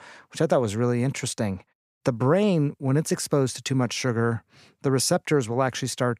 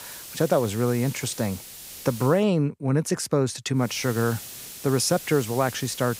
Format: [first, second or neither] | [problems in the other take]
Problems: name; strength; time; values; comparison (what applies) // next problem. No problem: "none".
first | hiss; noticeable; until 2.5 s and from 4 s on; 15 dB below the speech